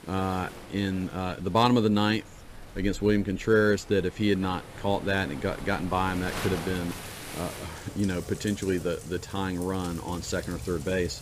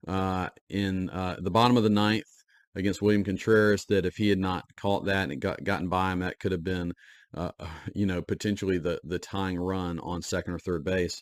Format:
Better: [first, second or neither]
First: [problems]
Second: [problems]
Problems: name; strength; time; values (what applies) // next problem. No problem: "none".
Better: second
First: rain or running water; noticeable; throughout; 15 dB below the speech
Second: none